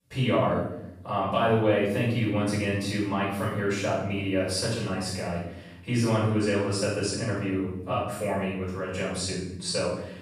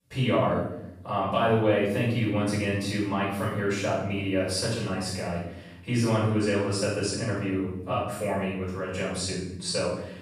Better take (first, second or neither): neither